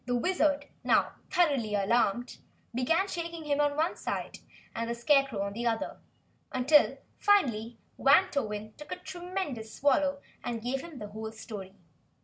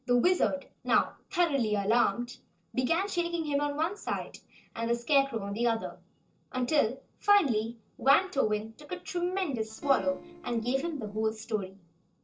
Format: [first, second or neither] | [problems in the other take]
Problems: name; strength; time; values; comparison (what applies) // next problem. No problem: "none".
first | noise reduction (neural separator model SepFormer DNS4)